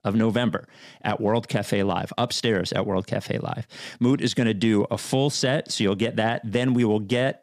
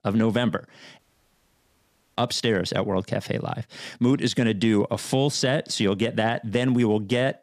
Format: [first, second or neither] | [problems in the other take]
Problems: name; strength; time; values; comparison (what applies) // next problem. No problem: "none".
first | audio cutting out; at 1 s for 1 s